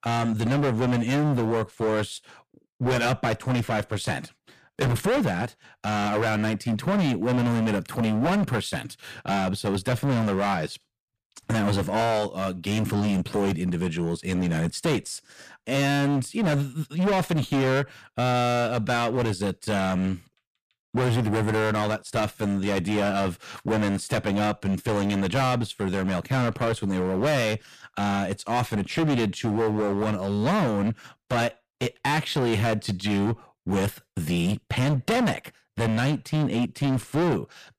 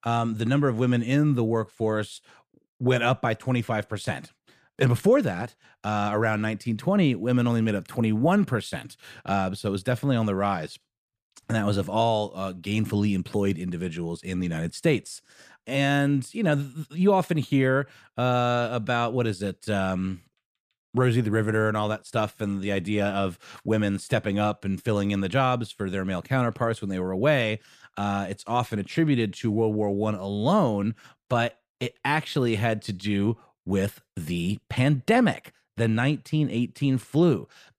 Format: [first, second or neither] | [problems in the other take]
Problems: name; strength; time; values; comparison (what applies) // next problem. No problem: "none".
second | distortion; heavy; 21% of the sound clipped